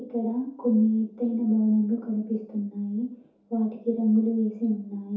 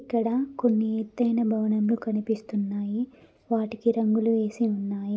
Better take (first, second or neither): second